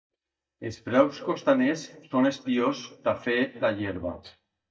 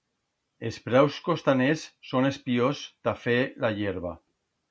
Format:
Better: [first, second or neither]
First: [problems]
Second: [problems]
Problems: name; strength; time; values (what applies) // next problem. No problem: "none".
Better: second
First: noise reduction (neural mask model DeepFilterNet 3)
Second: none